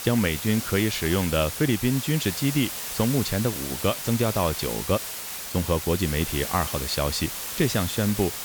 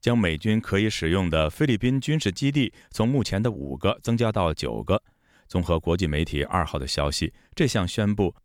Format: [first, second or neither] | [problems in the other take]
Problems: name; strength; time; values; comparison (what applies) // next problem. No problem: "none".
second | hiss; loud; throughout; 5 dB below the speech